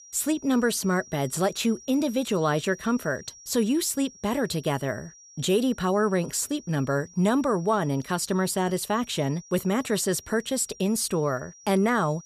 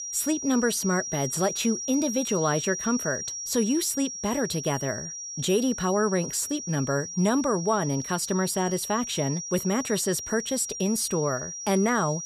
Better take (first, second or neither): first